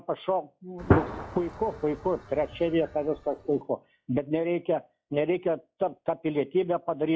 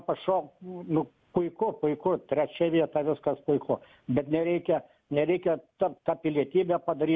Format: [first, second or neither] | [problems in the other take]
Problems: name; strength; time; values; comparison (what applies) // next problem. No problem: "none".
second | noise reduction (classical method log-MMSE)